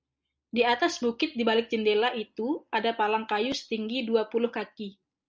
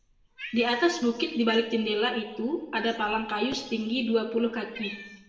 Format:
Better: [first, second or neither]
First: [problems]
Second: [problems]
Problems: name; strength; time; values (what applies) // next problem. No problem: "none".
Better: first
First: none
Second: background sound (Cat); 19 dB below the speech // room echo; dies away in 1 s